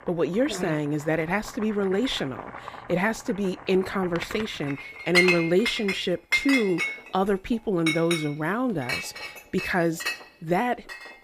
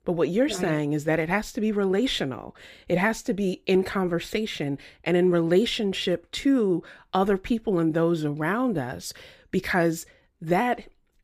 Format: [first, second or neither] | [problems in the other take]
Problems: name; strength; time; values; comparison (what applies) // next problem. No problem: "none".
second | household noises; loud; throughout; 3 dB below the speech